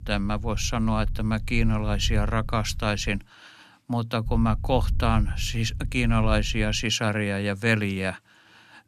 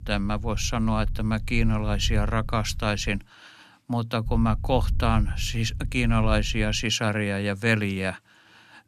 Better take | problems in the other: neither | low rumble; faint; until 3 s and from 4.5 to 7 s; 25 dB below the speech; the same in both

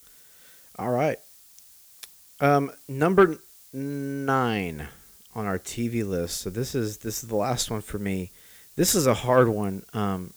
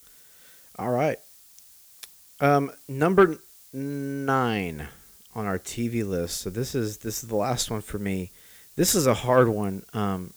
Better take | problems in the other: neither | hiss; faint; throughout; 25 dB below the speech; the same in both

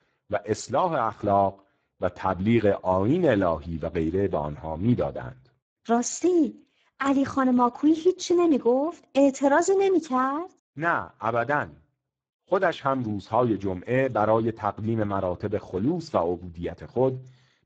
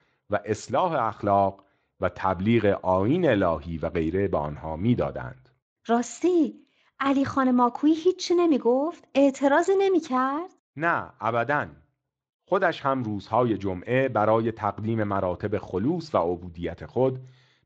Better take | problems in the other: second | garbled, watery; badly; nothing above 7.5 kHz; slightly in the second

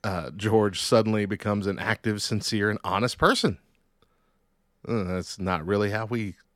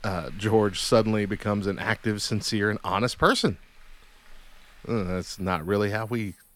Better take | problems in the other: first | household noises; faint; throughout; 25 dB below the speech

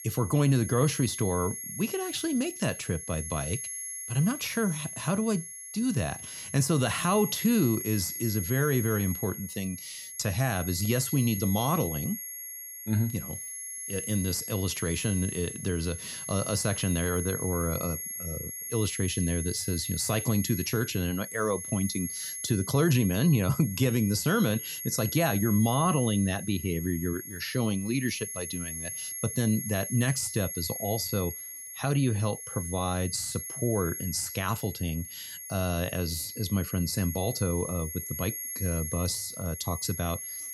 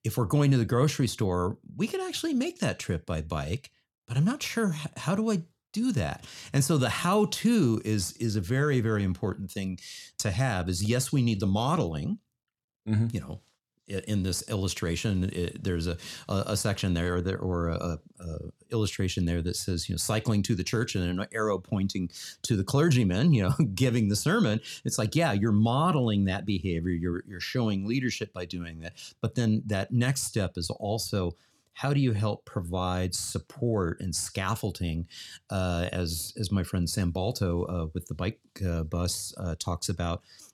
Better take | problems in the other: second | high-pitched whine; loud; throughout; 11.5 kHz, 6 dB below the speech

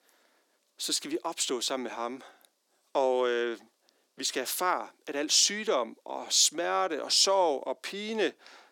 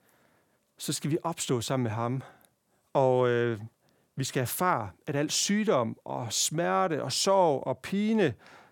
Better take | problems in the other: second | thin; somewhat; fading below 250 Hz

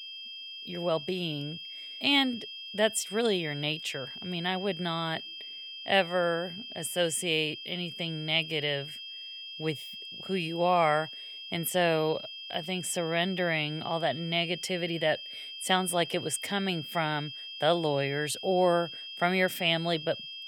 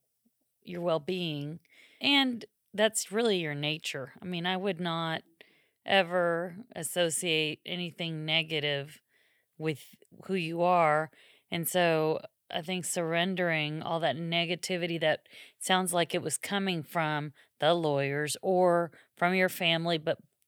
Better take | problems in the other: second | high-pitched whine; loud; throughout; 3 kHz, 10 dB below the speech

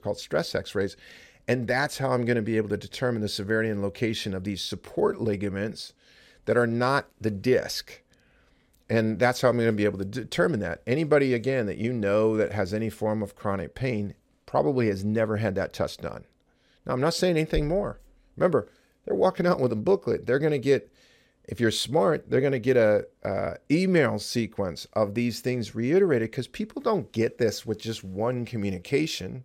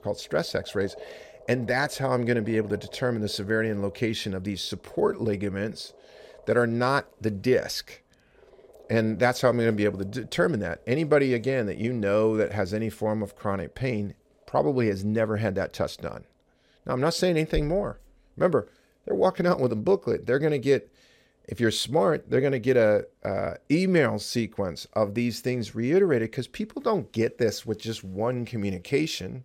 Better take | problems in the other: first | animal sounds; faint; throughout; 25 dB below the speech

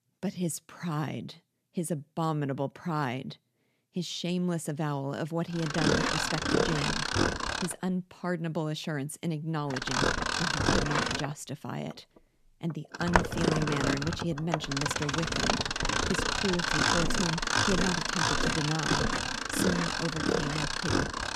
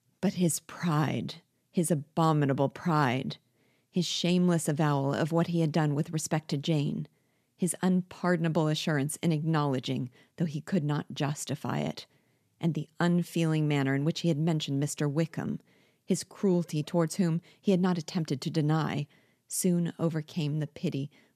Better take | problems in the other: second | machinery noise; very loud; from 5.5 s on; 5 dB above the speech

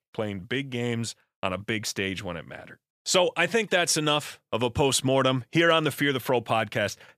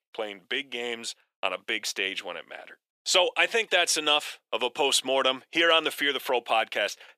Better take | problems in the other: first | thin; somewhat; fading below 350 Hz

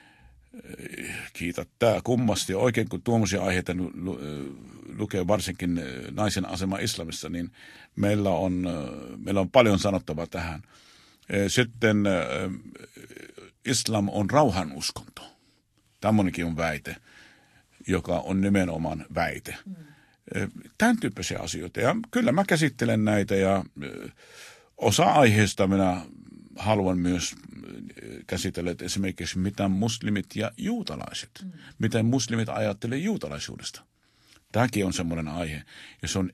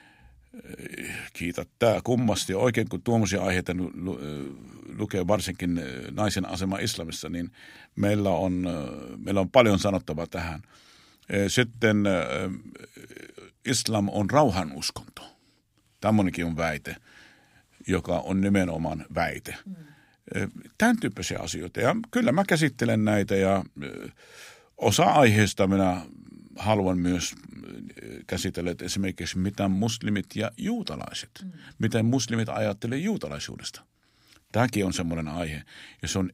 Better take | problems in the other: second | garbled, watery; slightly; nothing above 12.5 kHz

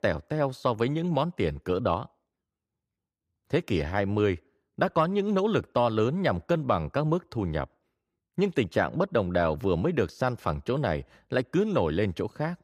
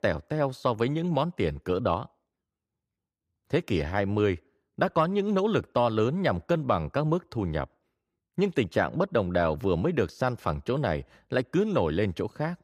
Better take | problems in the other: neither | none

